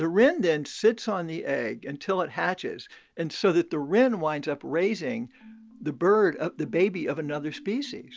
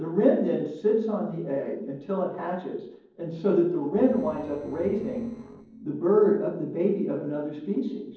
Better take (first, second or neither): first